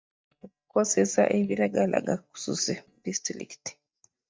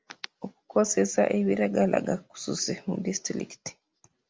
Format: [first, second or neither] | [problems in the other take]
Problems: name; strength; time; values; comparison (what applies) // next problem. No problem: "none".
second | noise reduction (neural mask model DeepFilterNet 3)